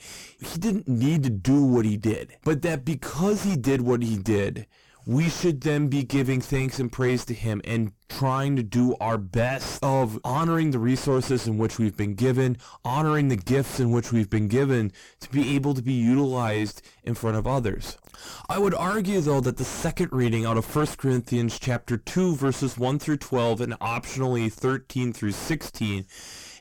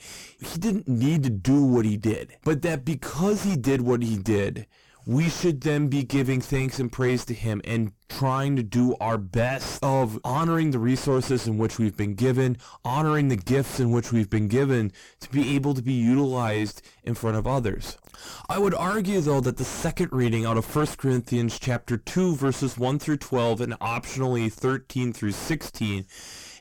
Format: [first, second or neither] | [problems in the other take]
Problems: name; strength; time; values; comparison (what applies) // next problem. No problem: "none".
neither | distortion; heavy; 5 dB below the speech; the same in both